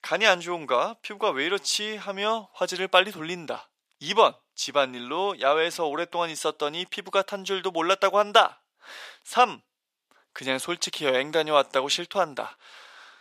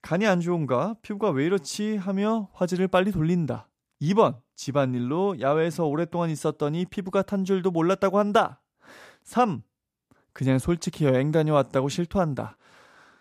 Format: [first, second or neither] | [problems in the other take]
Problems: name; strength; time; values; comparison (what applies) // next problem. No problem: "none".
second | thin; very; fading below 600 Hz